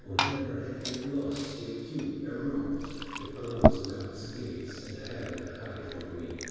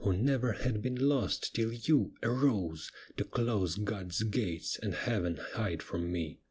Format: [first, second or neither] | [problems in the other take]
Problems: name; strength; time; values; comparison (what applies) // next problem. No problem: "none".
second | background sound (Liquid); 2 dB above the speech // room echo; dies away in 2.2 s